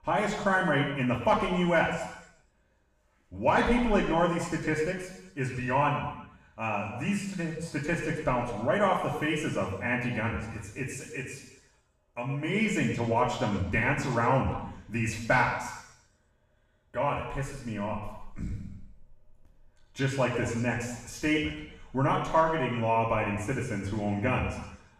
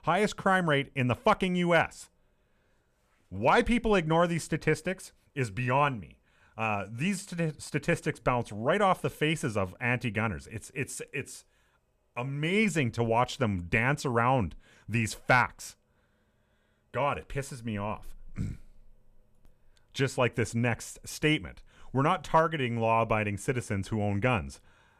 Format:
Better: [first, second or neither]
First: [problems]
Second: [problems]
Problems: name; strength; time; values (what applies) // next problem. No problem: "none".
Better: second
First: room echo; noticeable; dies away in 0.9 s // off-mic speech; far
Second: none